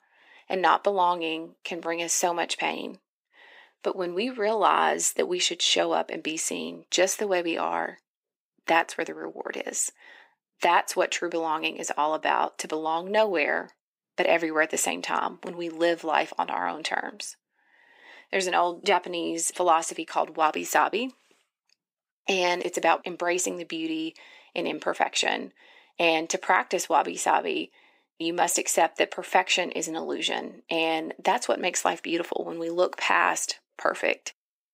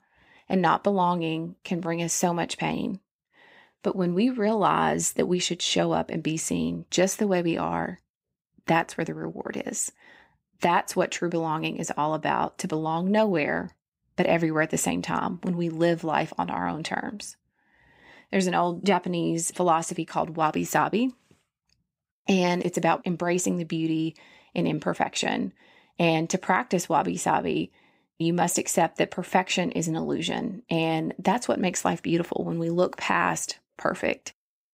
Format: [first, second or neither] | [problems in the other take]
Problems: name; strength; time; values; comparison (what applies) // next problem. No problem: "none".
second | thin; somewhat; fading below 350 Hz